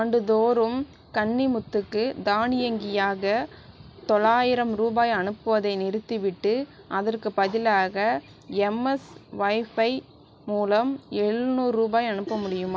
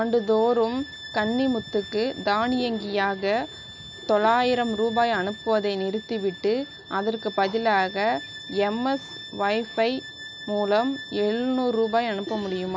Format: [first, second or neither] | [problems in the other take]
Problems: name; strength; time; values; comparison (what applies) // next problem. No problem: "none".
first | background sound (Bowed string instrument); 16 dB below the speech